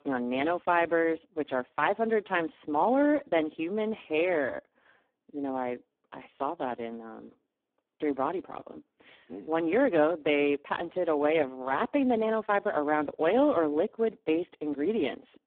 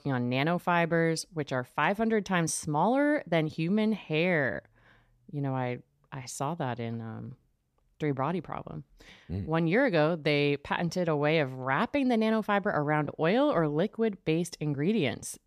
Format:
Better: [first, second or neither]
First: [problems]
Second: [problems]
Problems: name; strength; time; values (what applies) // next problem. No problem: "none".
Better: second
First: phone-call audio; poor line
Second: none